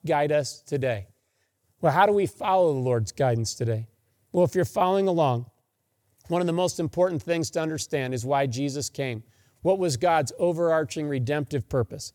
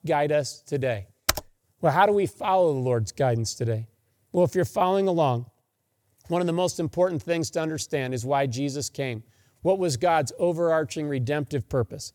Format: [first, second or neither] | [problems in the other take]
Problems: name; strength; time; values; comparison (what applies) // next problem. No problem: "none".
first | keyboard typing; noticeable; at 1.5 s; peak 1 dB below the speech